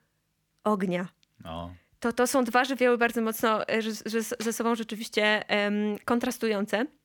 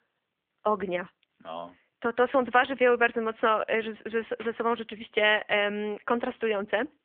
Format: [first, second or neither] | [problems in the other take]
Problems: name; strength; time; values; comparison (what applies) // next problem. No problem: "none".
first | phone-call audio; nothing above 3 kHz